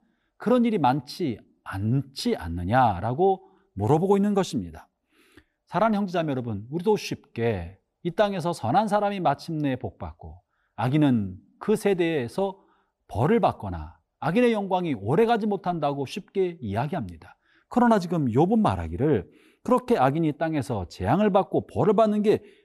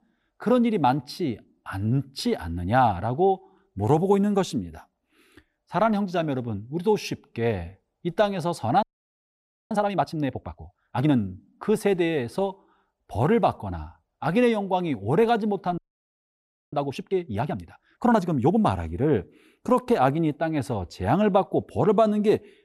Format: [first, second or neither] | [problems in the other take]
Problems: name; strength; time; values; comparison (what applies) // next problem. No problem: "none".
first | audio freezing; at 9 s for 1 s and at 16 s for 1 s